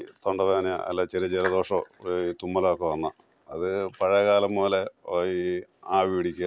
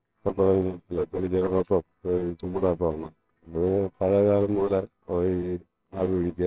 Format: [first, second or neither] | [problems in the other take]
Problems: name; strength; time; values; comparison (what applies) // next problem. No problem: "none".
first | noise reduction (neural separator model SepFormer WHAMR!)